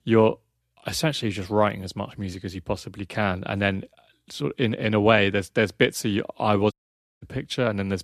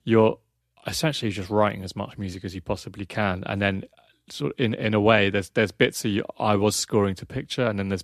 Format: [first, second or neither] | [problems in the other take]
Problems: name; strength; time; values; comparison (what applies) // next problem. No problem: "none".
second | audio cutting out; at 6.5 s